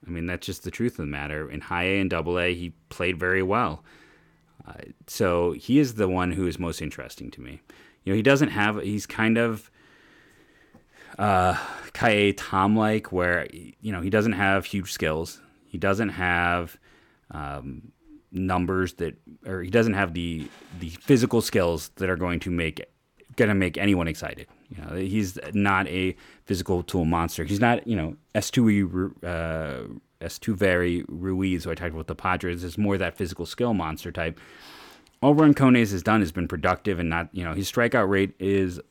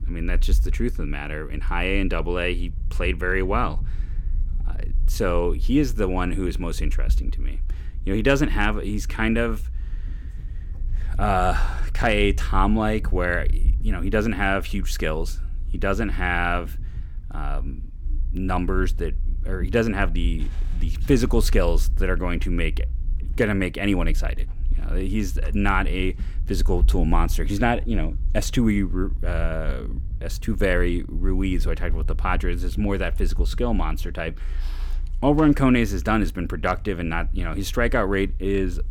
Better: first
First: none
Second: low rumble; faint; throughout; 25 dB below the speech

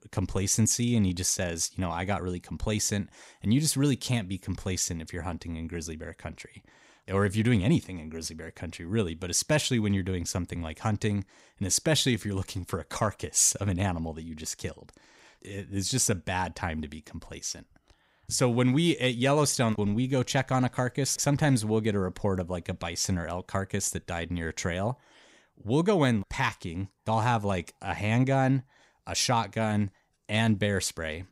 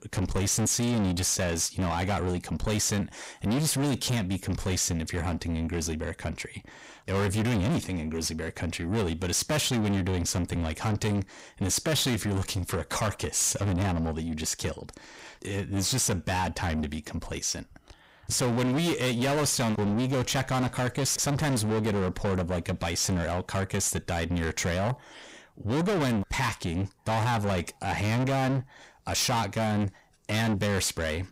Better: first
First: none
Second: distortion; heavy; 6 dB below the speech

